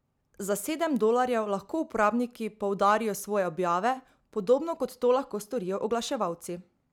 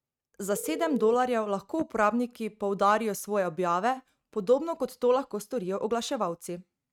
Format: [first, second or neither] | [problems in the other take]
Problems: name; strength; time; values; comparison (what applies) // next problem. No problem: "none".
first | noise reduction (neural mask model RNNoise)